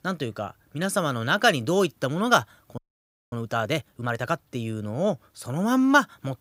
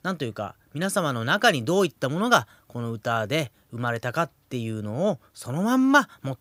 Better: second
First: audio freezing; at 3 s for 0.5 s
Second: none

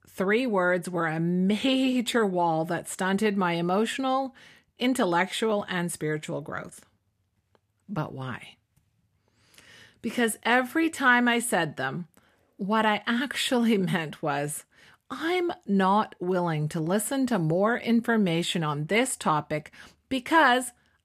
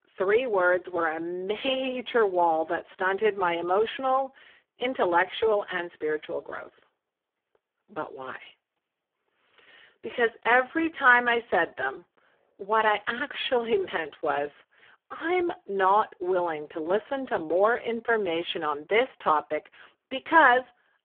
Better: first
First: none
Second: phone-call audio; poor line; nothing above 3.5 kHz

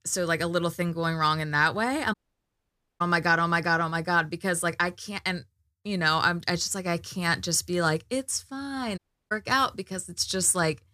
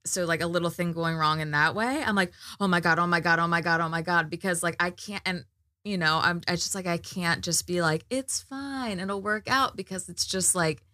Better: second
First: audio cutting out; at 2 s for 1 s and at 9 s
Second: none

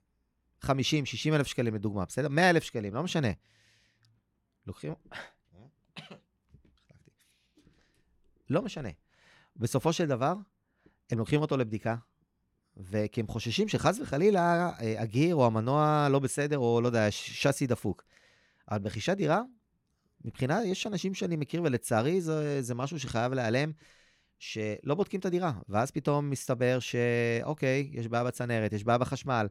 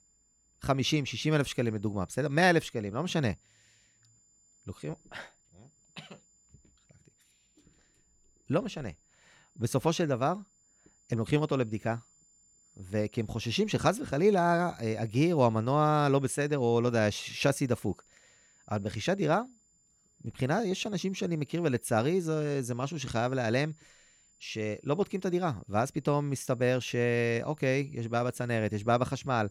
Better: first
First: none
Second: high-pitched whine; faint; throughout; 7 kHz, 35 dB below the speech

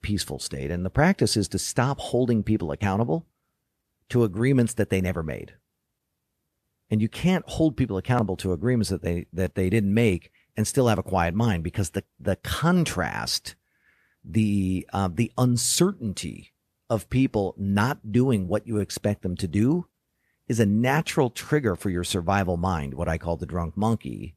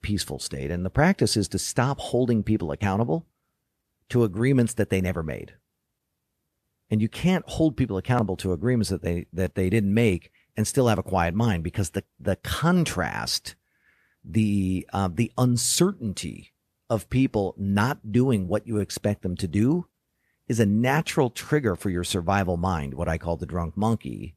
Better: neither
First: none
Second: none

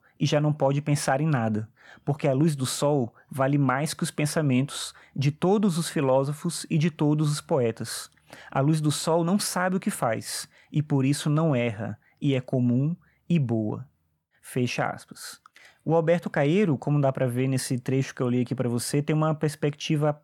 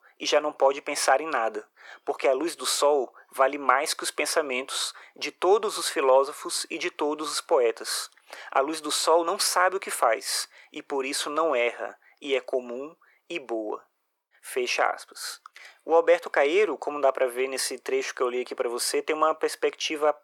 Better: first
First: none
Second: thin; very; fading below 350 Hz

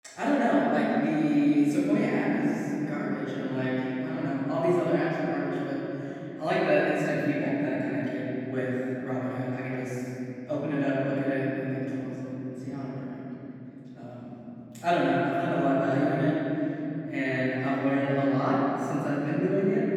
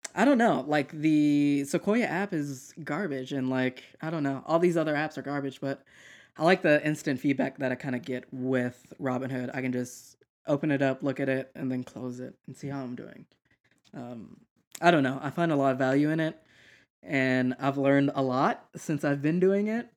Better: second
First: off-mic speech; far // room echo; strong; dies away in 3 s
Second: none

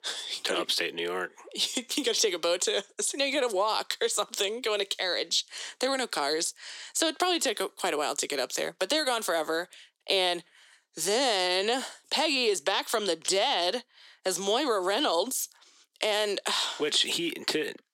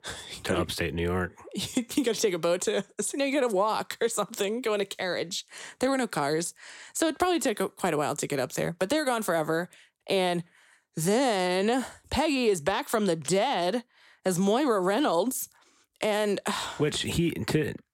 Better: second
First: thin; somewhat; fading below 300 Hz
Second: none

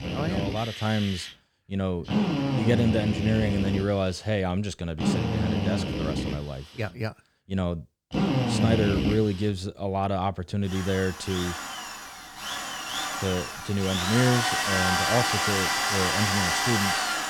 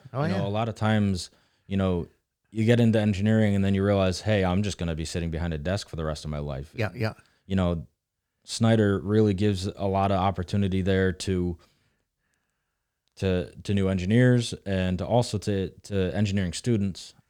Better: second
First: machinery noise; very loud; throughout; 1 dB above the speech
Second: none

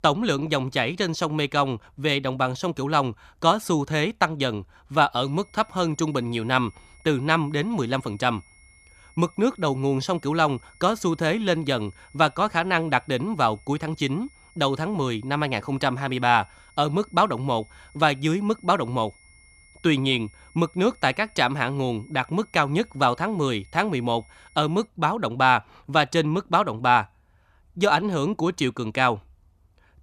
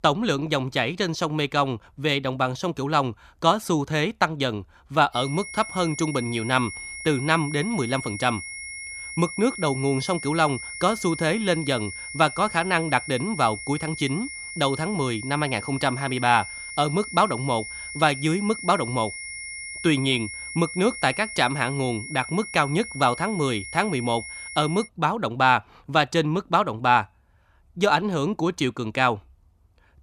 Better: first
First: high-pitched whine; faint; from 5 to 25 s; 2 kHz, 30 dB below the speech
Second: high-pitched whine; loud; from 5 to 25 s; 2 kHz, 10 dB below the speech

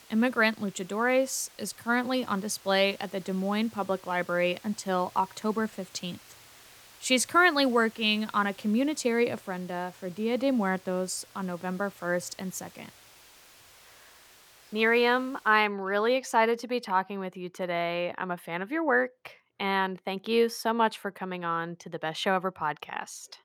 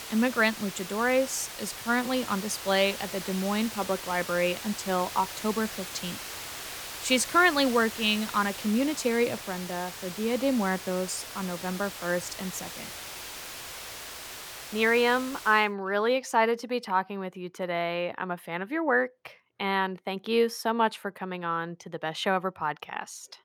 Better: first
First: hiss; faint; until 16 s; 25 dB below the speech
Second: hiss; loud; until 16 s; 10 dB below the speech

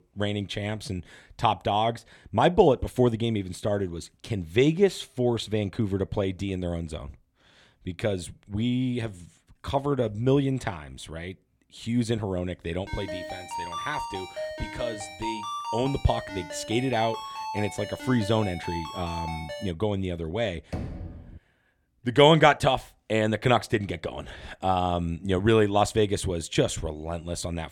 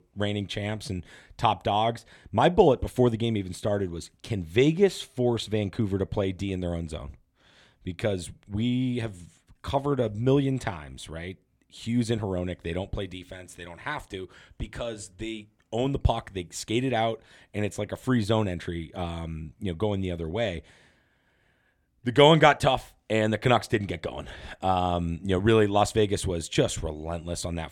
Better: second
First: phone ringing; noticeable; from 13 to 20 s; peak 6 dB below the speech // door banging; noticeable; at 21 s; peak 9 dB below the speech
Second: none

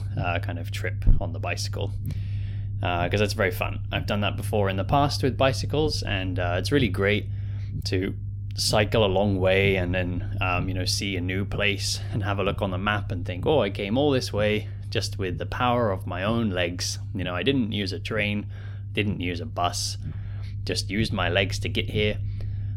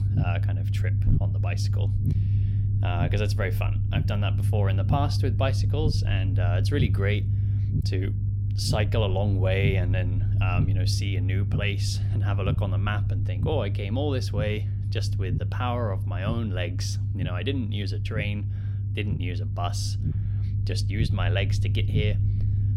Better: first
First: low rumble; faint; throughout; 20 dB below the speech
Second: low rumble; loud; throughout; 7 dB below the speech

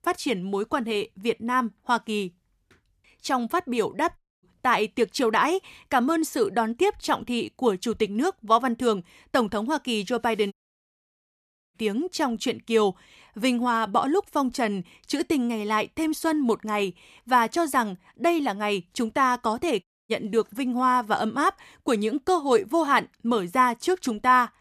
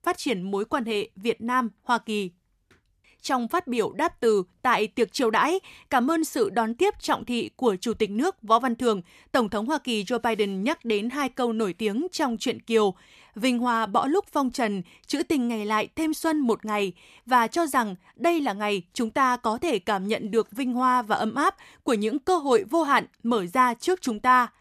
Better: second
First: audio cutting out; at 4 s, at 11 s for 1 s and at 20 s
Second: none

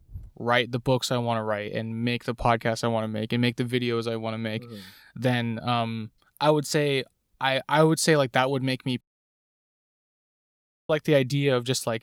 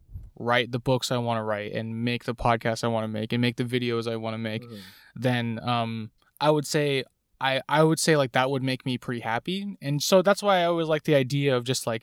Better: second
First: audio cutting out; at 9 s for 2 s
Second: none

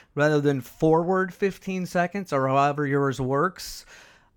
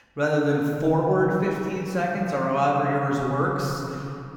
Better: first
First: none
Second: room echo; noticeable; dies away in 2.8 s // off-mic speech; somewhat distant

